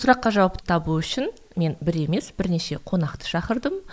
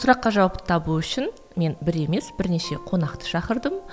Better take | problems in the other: second | noise reduction (neural mask model Resemble Enhance denoiser)

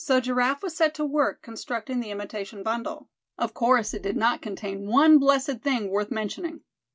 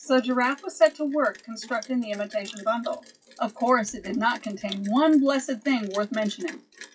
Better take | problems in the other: first | noise reduction (classical method WPE with log-MMSE)

